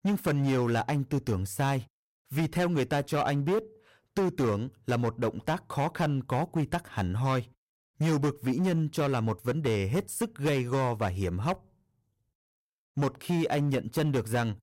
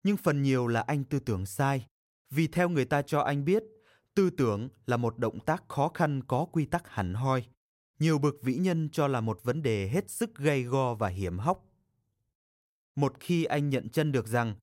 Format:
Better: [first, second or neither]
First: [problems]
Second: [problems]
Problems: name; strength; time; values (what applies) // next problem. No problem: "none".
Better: second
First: distortion; slight; 11% of the sound clipped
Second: none